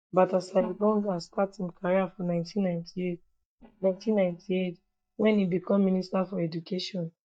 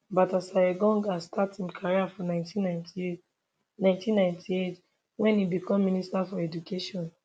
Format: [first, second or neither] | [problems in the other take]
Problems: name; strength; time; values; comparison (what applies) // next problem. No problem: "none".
second | noise reduction (neural mask model DeepFilterNet 3)